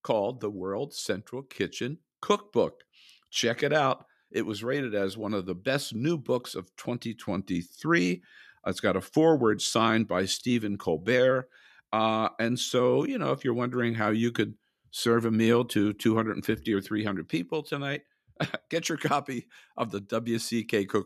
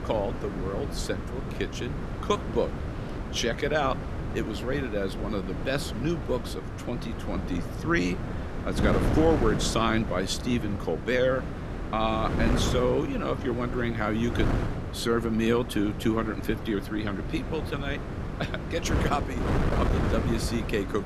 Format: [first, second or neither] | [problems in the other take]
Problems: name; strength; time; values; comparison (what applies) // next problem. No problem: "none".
first | wind noise on the microphone; heavy; 7 dB below the speech